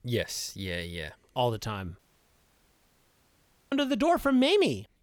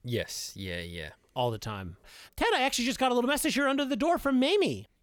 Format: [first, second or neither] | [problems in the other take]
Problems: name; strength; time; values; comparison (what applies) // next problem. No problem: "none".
second | audio cutting out; at 2 s for 1.5 s